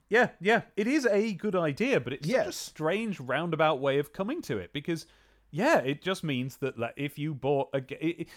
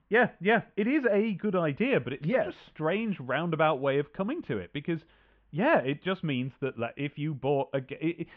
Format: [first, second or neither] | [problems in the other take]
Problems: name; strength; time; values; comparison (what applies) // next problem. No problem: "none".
first | muffled; very; fading above 3 kHz